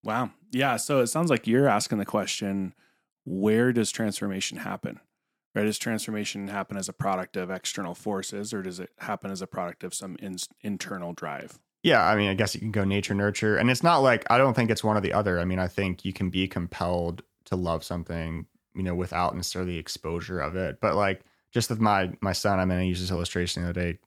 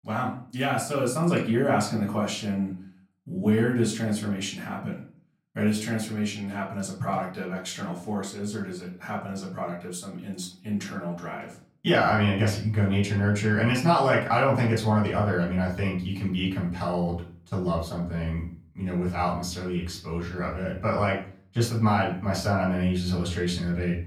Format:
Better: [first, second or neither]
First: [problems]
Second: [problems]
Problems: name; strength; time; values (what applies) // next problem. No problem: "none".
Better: first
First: none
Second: off-mic speech; far // room echo; slight; dies away in 0.4 s